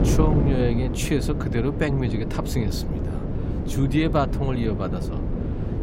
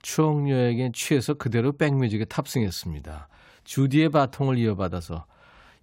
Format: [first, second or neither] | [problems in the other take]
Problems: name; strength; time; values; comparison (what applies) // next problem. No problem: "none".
second | wind noise on the microphone; heavy; 6 dB below the speech